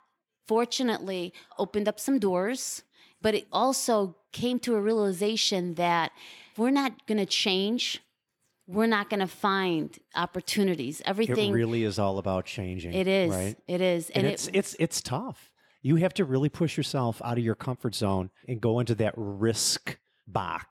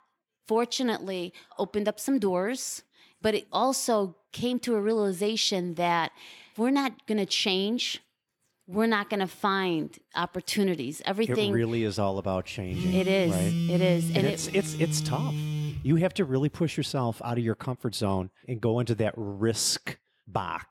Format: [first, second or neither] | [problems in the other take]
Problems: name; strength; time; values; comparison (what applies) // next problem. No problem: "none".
first | phone ringing; loud; from 13 to 16 s; peak 1 dB above the speech